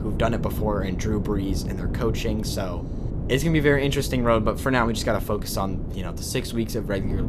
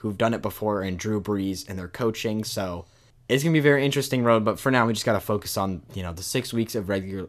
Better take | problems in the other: second | wind noise on the microphone; occasional gusts; 15 dB below the speech

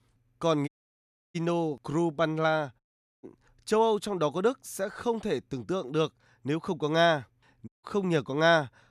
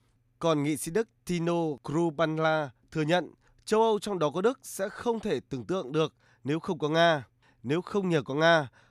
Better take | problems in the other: second | audio cutting out; at 0.5 s for 0.5 s, at 3 s and at 7.5 s

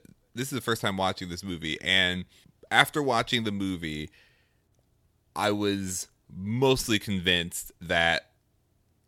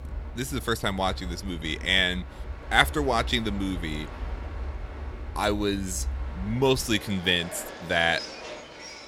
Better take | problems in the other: first | train or aircraft noise; noticeable; throughout; 10 dB below the speech

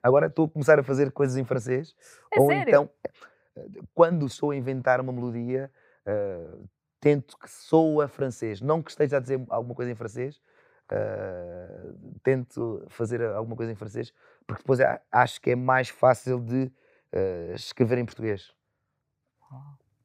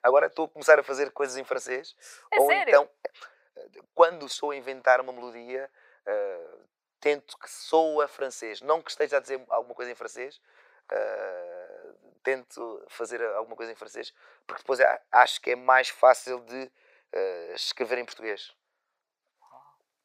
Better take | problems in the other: first | thin; very; fading below 550 Hz

